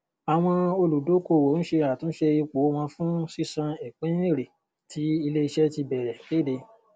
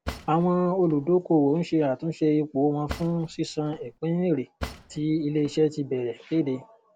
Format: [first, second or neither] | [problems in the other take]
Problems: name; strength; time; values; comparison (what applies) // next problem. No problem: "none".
first | background sound (Cutlery, silverware / Drawer open or close); 15 dB below the speech